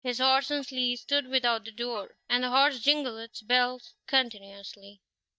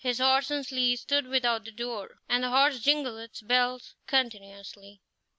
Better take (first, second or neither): second